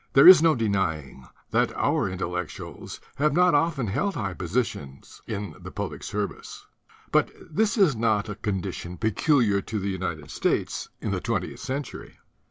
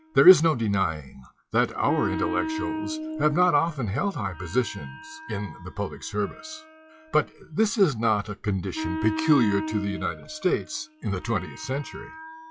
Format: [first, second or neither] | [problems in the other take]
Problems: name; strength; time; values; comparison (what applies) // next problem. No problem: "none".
first | noise reduction (classical method log-MMSE)